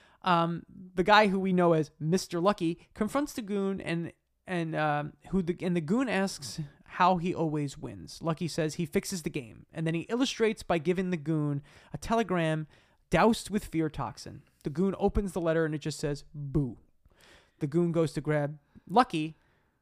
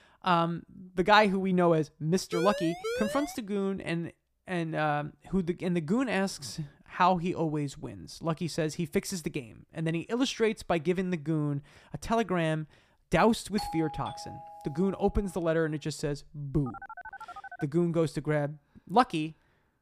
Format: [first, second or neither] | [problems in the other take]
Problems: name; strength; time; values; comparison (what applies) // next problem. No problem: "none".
first | siren; noticeable; from 2.5 to 3.5 s; peak 4 dB below the speech // doorbell; noticeable; from 14 to 15 s; peak 8 dB below the speech // phone ringing; faint; at 17 s; peak 15 dB below the speech